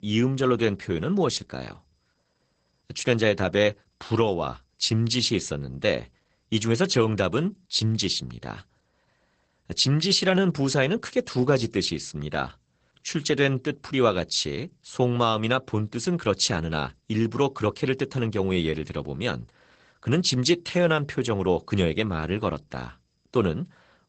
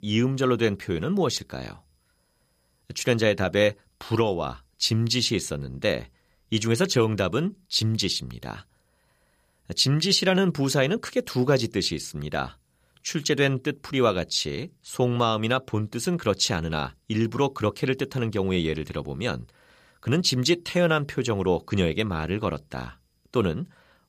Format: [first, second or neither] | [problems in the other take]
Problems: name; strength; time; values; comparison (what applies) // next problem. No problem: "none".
second | garbled, watery; badly; nothing above 8 kHz